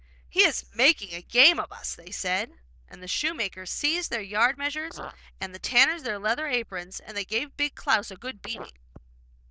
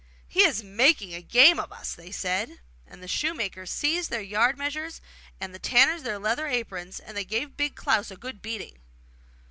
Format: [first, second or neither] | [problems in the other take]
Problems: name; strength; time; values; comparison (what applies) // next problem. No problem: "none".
second | noise reduction (neural diffusion model UNIVERSE++)